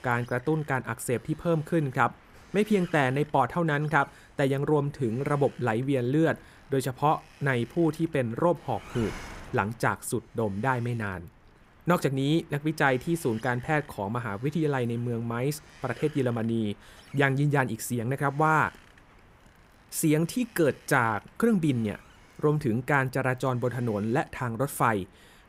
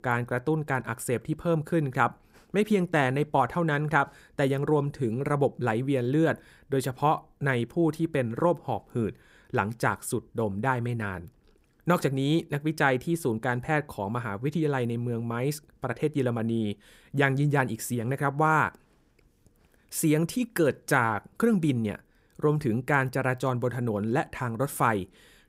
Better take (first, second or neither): second